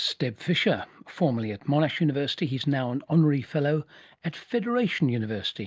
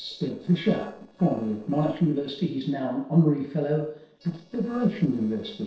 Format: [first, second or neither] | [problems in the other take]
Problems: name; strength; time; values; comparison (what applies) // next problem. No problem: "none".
first | noise reduction (neural separator model SepFormer DNS4)